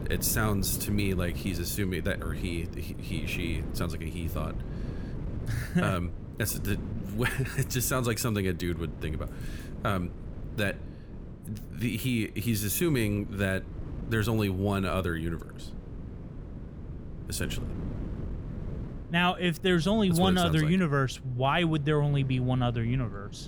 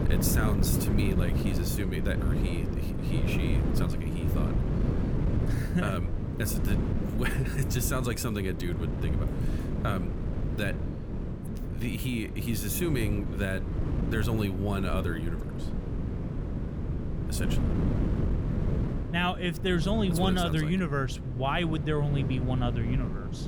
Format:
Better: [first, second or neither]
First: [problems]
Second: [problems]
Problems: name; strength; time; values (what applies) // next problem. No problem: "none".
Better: first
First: wind noise on the microphone; occasional gusts; 15 dB below the speech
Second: wind noise on the microphone; heavy; 5 dB below the speech